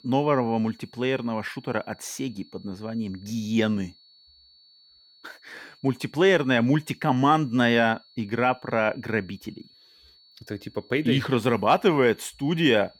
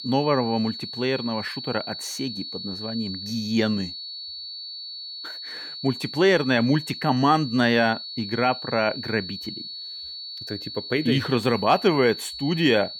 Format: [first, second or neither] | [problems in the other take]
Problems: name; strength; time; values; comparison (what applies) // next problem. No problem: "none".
first | high-pitched whine; loud; throughout; 4.5 kHz, 9 dB below the speech; faint in the first